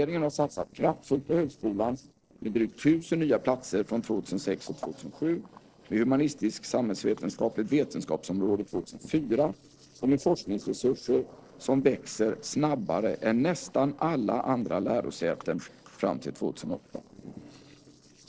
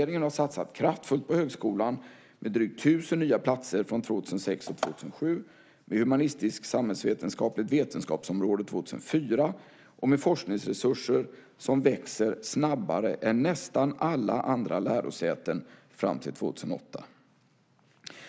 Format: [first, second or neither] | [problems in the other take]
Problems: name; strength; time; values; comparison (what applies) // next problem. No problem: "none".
second | noise reduction (neural separator model SepFormer DNS4)